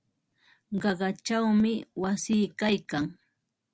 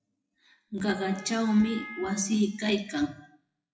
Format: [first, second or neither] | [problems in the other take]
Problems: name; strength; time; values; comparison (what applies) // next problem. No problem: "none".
first | noise reduction (classical method WPE with log-MMSE)